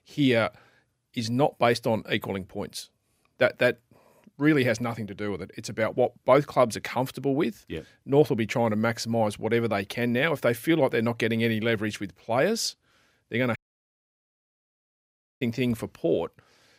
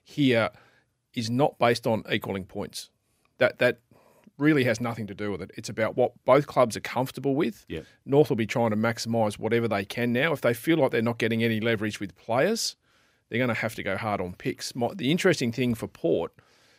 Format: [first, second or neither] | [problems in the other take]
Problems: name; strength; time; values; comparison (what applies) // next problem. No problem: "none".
second | audio cutting out; at 14 s for 2 s